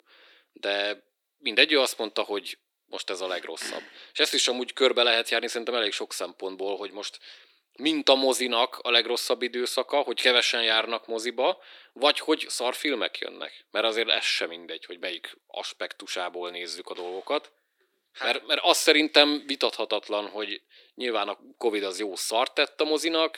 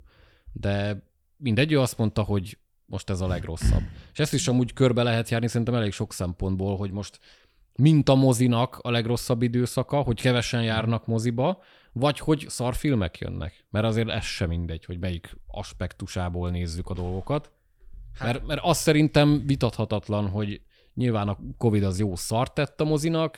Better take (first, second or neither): second